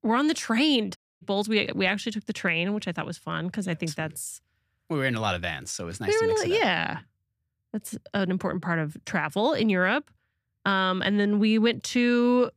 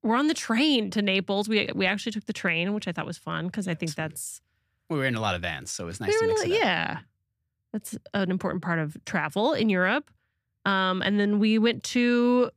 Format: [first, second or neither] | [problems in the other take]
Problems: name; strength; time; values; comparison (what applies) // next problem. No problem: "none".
second | audio cutting out; at 1 s